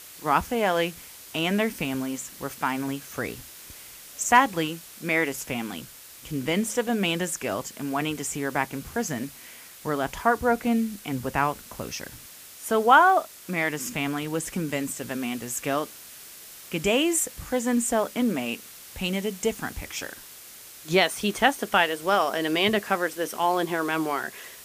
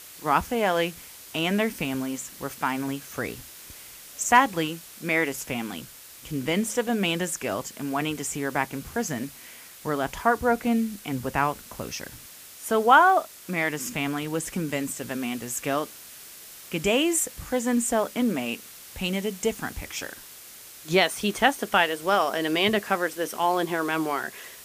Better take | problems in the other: neither | hiss; noticeable; throughout; 15 dB below the speech; the same in both

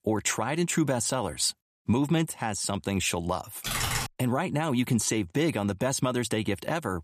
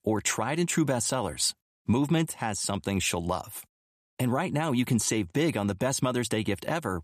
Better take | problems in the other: second | keyboard typing; loud; at 3.5 s; peak level with the speech

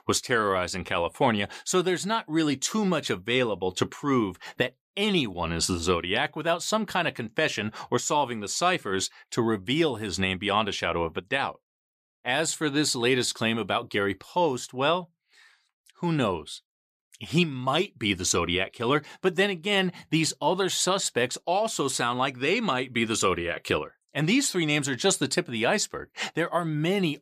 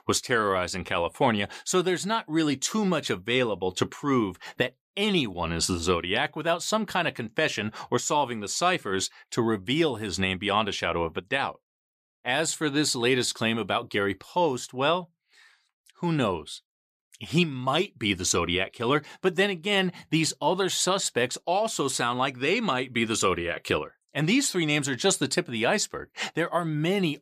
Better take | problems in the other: neither | none

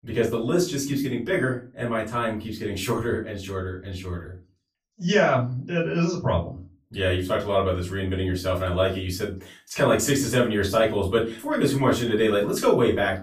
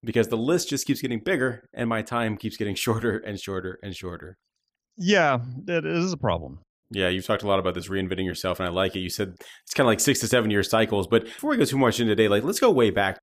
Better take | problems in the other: second | room echo; slight; dies away in 0.3 s // off-mic speech; far

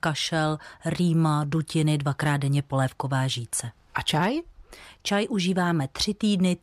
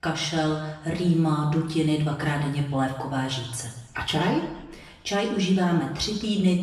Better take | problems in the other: first | room echo; noticeable; dies away in 0.9 s // off-mic speech; far

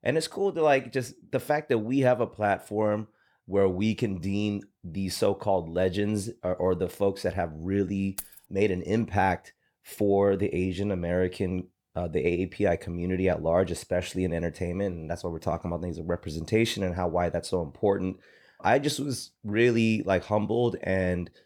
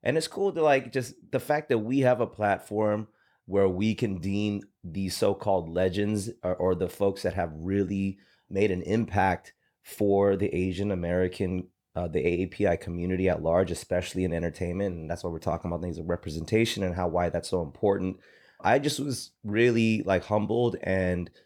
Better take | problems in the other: second | jangling keys; faint; at 8 s; peak 10 dB below the speech

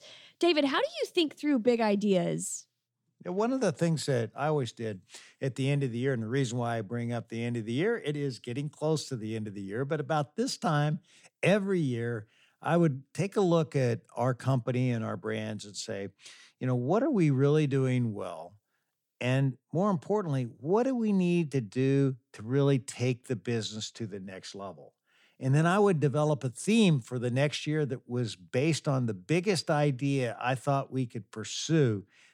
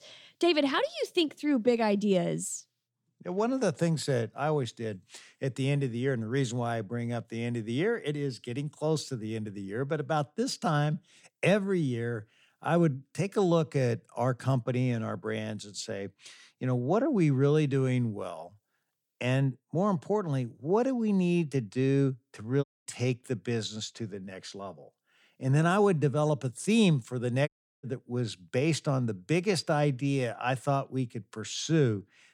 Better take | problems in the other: first | audio cutting out; at 23 s and at 27 s

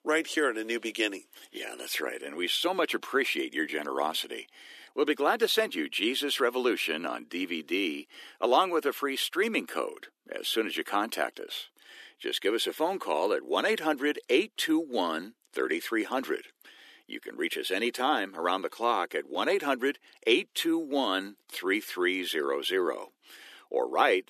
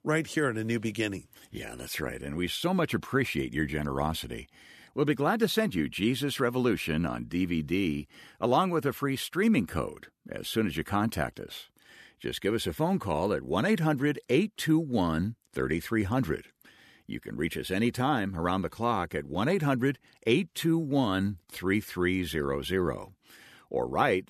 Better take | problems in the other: second | thin; somewhat; fading below 300 Hz

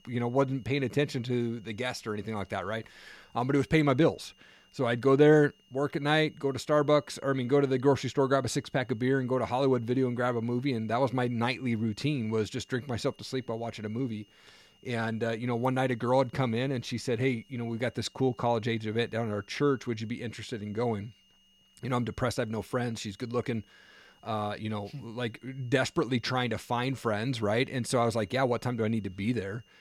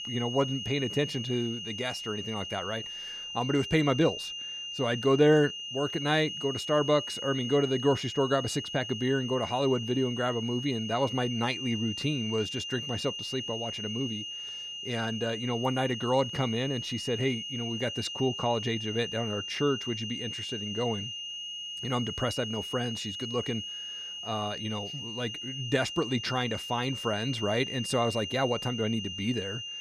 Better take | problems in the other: first | high-pitched whine; loud; throughout; 3 kHz, 5 dB below the speech; faint in the first

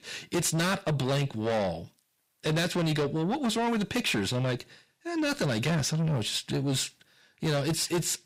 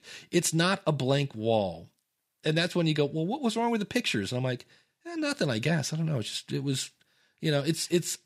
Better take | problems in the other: second | distortion; heavy; 7 dB below the speech

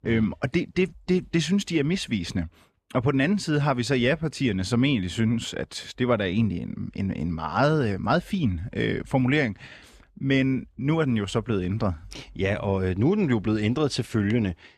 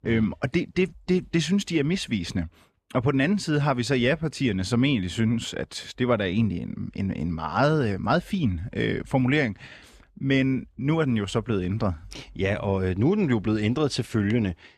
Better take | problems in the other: neither | none

